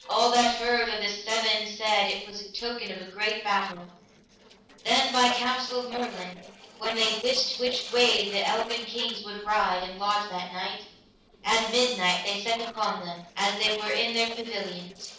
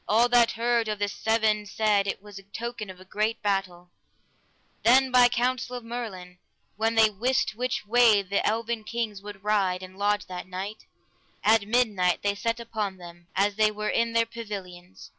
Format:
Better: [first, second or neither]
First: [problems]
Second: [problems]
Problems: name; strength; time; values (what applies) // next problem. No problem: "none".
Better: second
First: noise reduction (neural separator model SepFormer DNS4)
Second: none